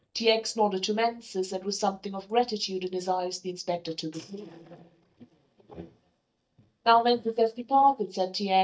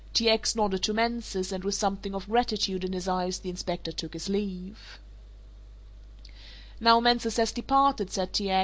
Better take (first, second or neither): second